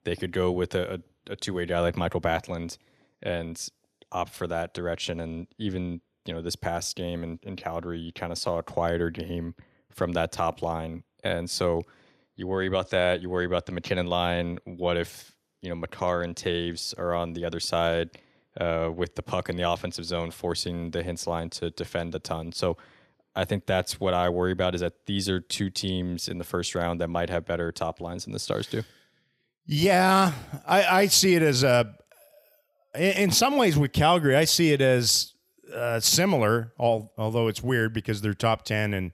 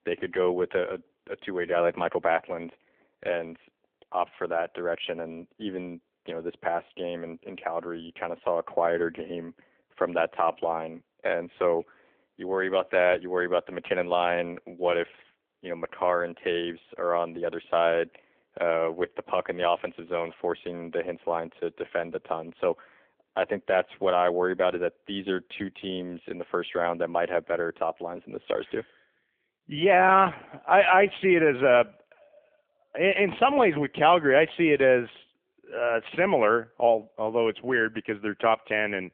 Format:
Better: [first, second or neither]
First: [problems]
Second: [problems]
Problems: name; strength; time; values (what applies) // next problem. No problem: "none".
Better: first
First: none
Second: phone-call audio; nothing above 3.5 kHz